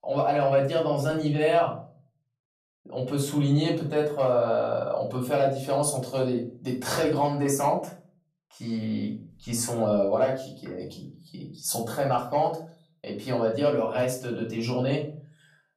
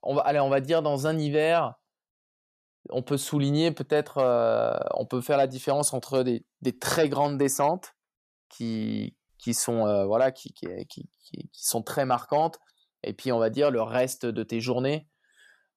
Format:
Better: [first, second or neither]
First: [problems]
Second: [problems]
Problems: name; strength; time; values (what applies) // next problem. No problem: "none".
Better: second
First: room echo; slight; dies away in 0.4 s // off-mic speech; far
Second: none